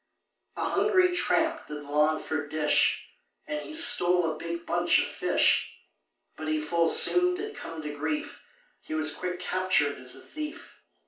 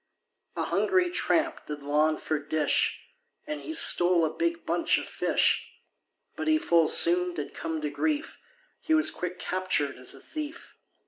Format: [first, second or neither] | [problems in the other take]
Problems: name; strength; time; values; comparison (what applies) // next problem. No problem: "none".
second | room echo; dies away in 0.2 s